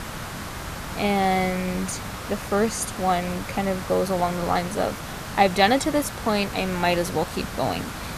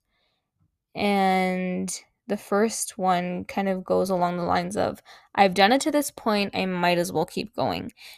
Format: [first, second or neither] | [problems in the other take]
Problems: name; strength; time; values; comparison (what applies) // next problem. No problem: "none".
second | hiss; loud; throughout; 9 dB below the speech